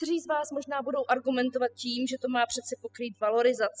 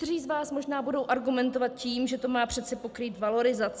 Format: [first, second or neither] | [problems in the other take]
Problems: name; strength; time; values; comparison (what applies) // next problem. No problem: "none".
second | noise reduction (classical method spectral subtraction)